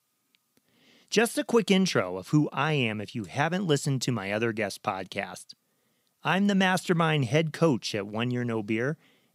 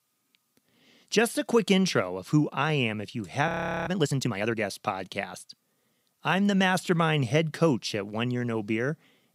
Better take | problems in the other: first | audio freezing; at 3.5 s

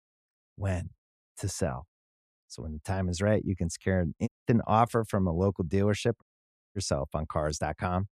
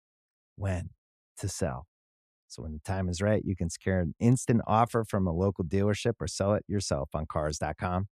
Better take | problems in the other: second | audio cutting out; at 4.5 s and at 6 s for 0.5 s

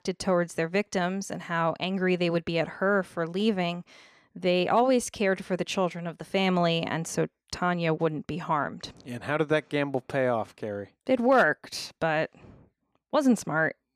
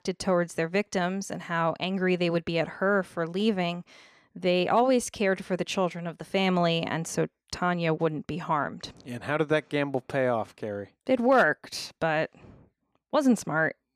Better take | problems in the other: neither | none

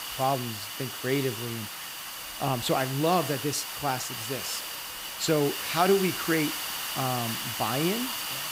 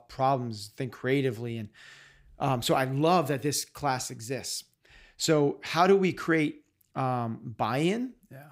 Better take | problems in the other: second | hiss; loud; throughout; 4 dB below the speech

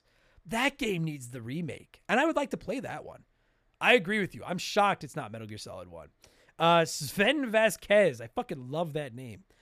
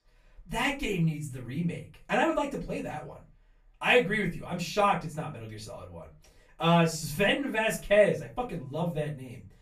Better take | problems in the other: first | off-mic speech; far // room echo; very slight; dies away in 0.3 s

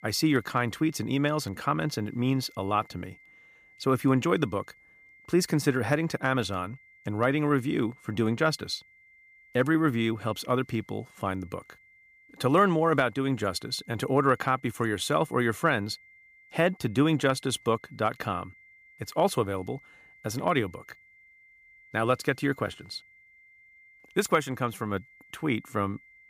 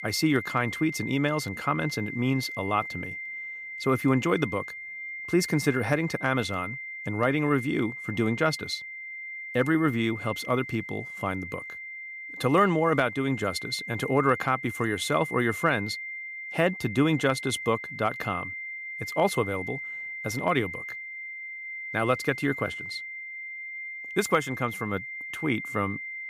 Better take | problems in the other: first | high-pitched whine; loud; throughout; 2 kHz, 8 dB below the speech; faint in the first

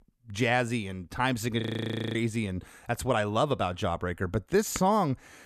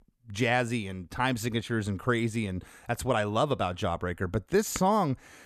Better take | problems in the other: second | audio freezing; at 1.5 s for 0.5 s

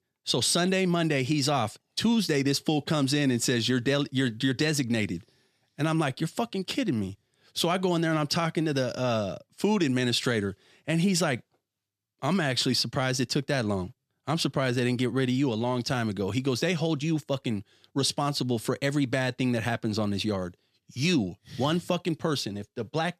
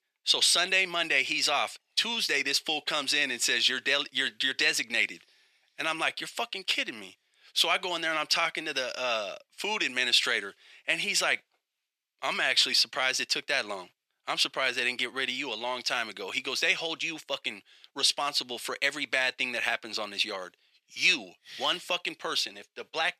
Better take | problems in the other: first | thin; very; fading below 650 Hz

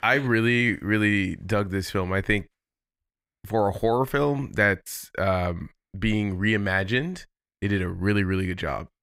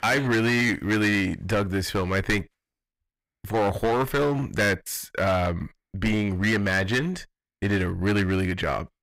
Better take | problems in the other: first | distortion; heavy; 13% of the sound clipped

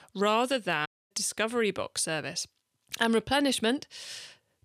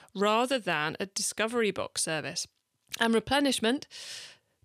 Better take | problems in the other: second | audio cutting out; at 1 s

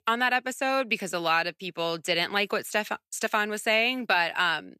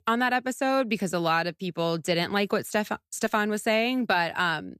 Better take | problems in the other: second | thin; very slightly; fading below 500 Hz

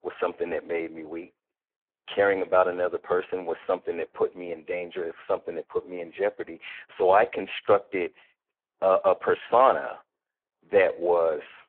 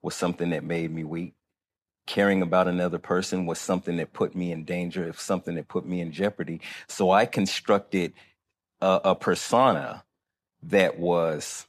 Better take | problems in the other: second | phone-call audio; poor line

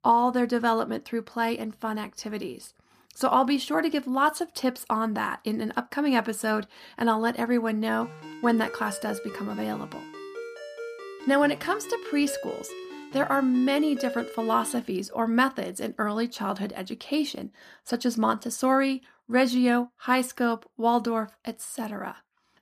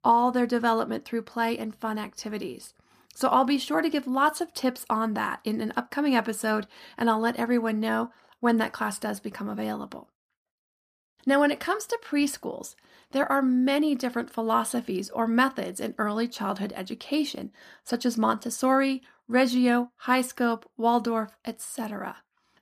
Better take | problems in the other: second | phone ringing; noticeable; from 8 to 15 s; peak 9 dB below the speech

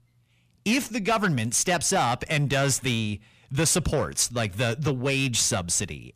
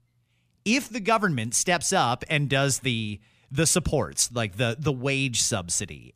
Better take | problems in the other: second | distortion; slight; 10 dB below the speech

